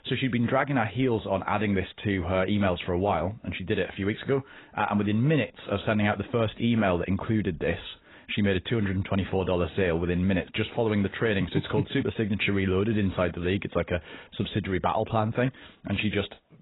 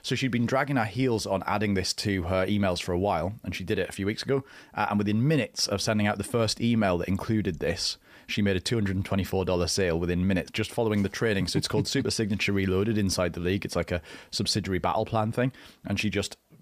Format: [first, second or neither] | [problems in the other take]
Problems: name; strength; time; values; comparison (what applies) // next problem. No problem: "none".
second | garbled, watery; badly; nothing above 4 kHz